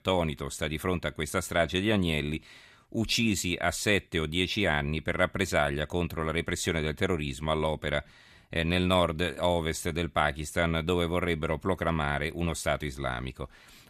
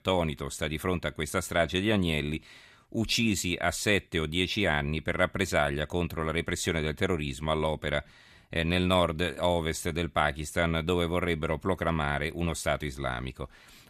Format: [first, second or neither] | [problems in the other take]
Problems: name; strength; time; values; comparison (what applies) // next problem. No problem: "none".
neither | none